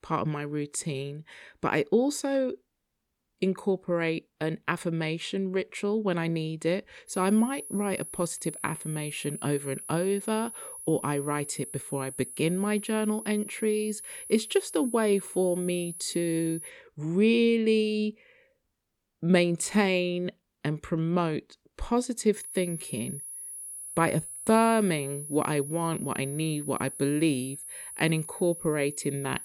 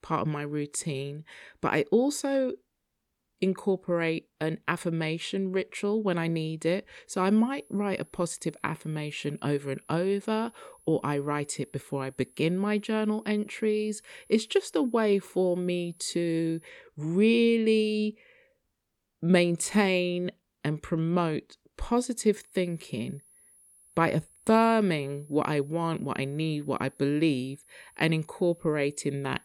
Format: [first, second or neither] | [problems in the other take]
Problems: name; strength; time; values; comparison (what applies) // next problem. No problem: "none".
second | high-pitched whine; loud; from 7 to 17 s and from 22 s on; 10.5 kHz, 10 dB below the speech; faint in the second